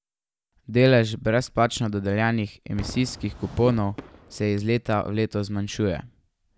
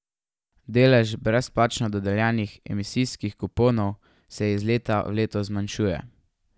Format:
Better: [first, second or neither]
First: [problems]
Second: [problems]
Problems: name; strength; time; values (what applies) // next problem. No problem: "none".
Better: second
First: background sound (Whoosh, swoosh, swish / Fireworks); 20 dB below the speech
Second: none